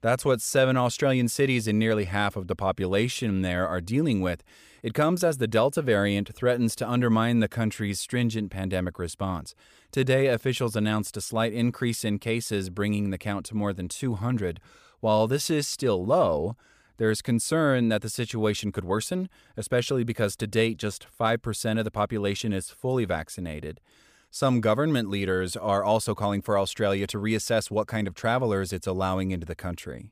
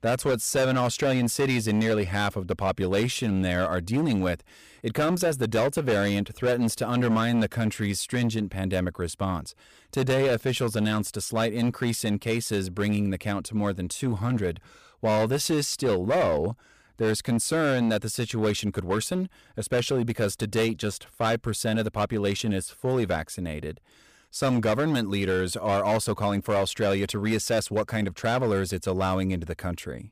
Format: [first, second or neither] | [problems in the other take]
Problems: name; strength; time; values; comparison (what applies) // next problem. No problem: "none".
first | distortion; slight; 10% of the sound clipped